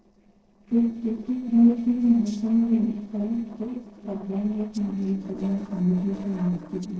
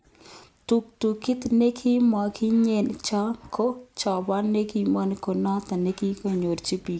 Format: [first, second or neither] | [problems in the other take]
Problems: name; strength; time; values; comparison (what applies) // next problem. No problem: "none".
second | noise reduction (neural separator model SepFormer DNS4)